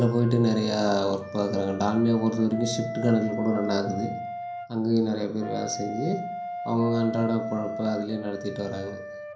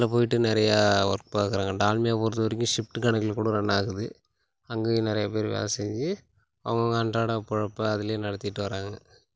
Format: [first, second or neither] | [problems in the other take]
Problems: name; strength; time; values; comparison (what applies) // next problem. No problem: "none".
second | background sound (Wind instrument, woodwind instrument); 10 dB below the speech // room echo; dies away in 0.6 s